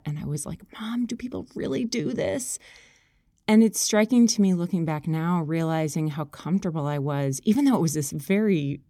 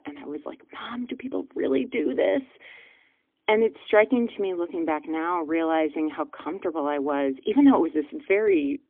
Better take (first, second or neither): first